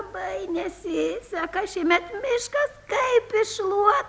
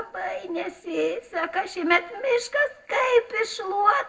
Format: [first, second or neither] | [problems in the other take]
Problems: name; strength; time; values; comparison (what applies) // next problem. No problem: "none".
first | noise reduction (neural separator model SepFormer DNS4)